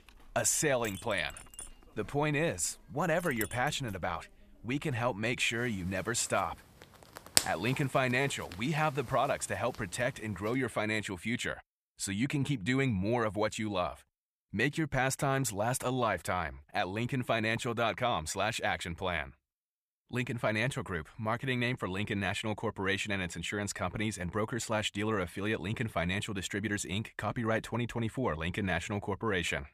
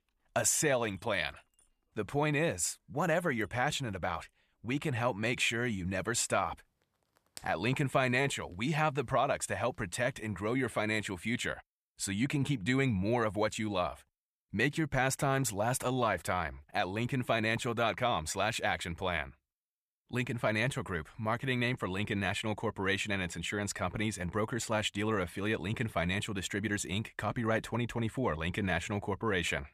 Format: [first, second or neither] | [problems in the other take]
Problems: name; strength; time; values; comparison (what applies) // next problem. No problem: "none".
second | household noises; loud; until 11 s; 5 dB below the speech; faint in the second